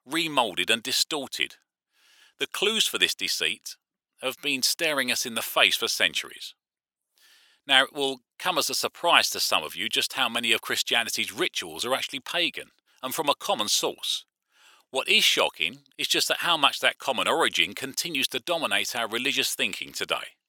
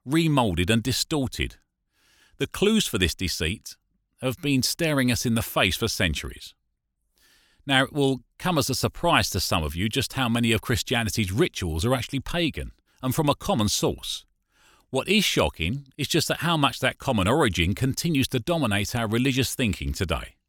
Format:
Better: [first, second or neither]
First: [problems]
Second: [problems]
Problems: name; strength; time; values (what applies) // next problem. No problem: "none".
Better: second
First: thin; somewhat; fading below 500 Hz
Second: none